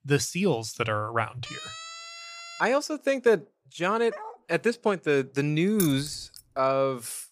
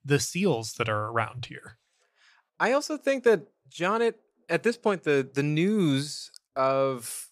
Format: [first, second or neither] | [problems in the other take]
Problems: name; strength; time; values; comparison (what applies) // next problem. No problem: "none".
second | siren; faint; from 1.5 to 2.5 s; peak 10 dB below the speech // dog barking; faint; at 4 s; peak 15 dB below the speech // jangling keys; noticeable; at 6 s; peak 7 dB below the speech